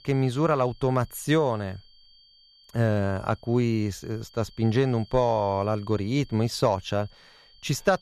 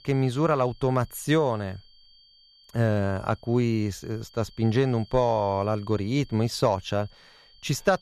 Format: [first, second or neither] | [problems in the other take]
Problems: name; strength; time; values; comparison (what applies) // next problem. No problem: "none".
neither | high-pitched whine; faint; throughout; 4.5 kHz, 25 dB below the speech; the same in both